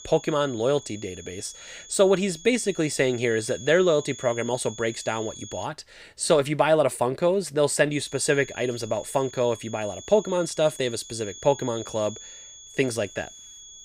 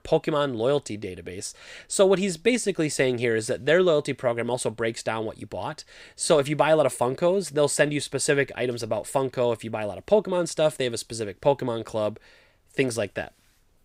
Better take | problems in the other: second | high-pitched whine; noticeable; until 5.5 s and from 8 s on; 6.5 kHz, 15 dB below the speech

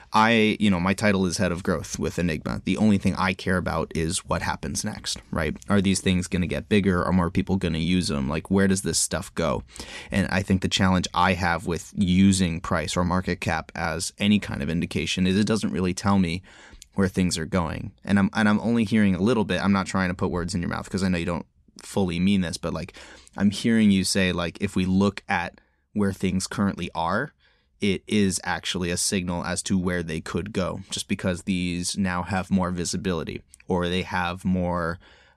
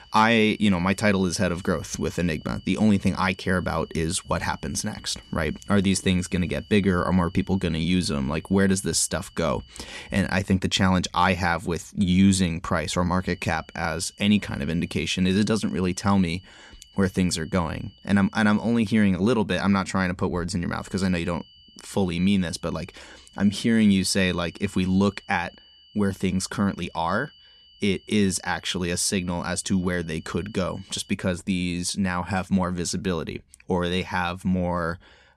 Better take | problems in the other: first | high-pitched whine; faint; until 10 s, from 13 to 19 s and from 21 to 31 s; 3 kHz, 25 dB below the speech

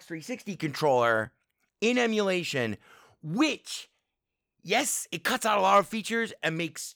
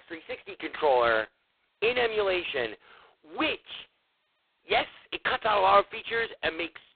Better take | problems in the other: first | phone-call audio; poor line; nothing above 4 kHz

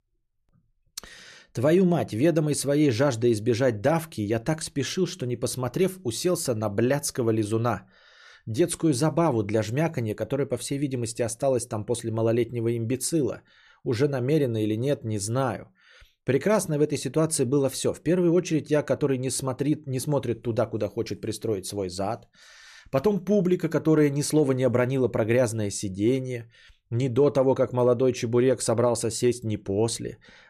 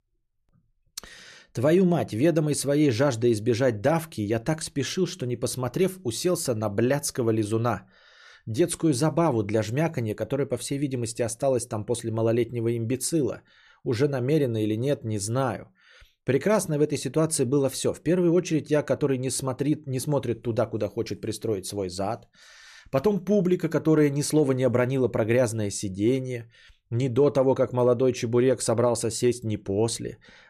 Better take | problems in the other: neither | none

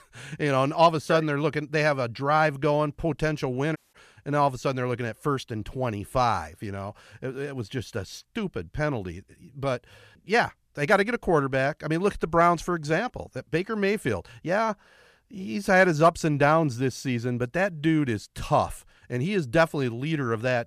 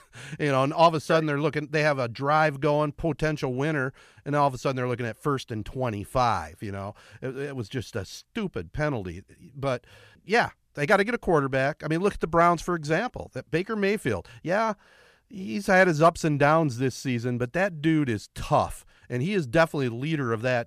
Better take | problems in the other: second | audio cutting out; at 4 s

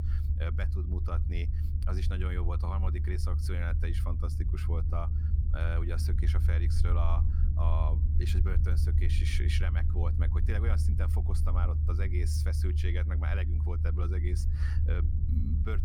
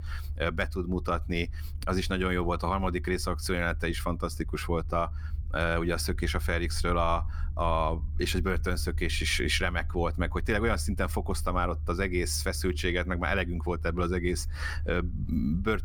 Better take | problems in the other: second | low rumble; loud; throughout; 4 dB below the speech; faint in the second

